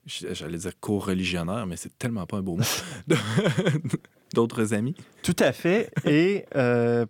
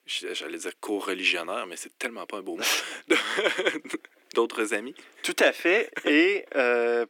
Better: first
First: none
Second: thin; somewhat; fading below 300 Hz

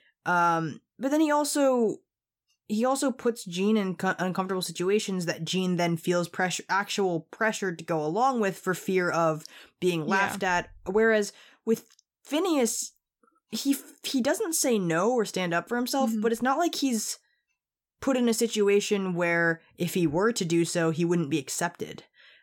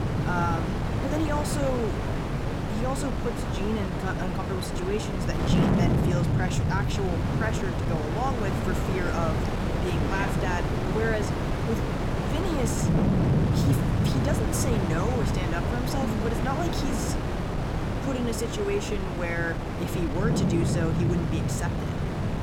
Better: first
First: none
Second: wind noise on the microphone; heavy; as loud as the speech

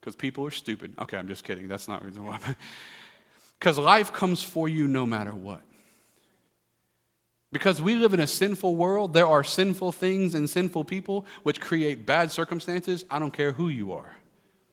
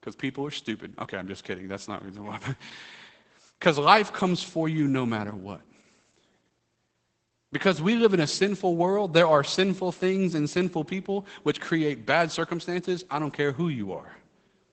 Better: first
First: garbled, watery; slightly; nothing above 18.5 kHz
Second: garbled, watery; badly; nothing above 8 kHz

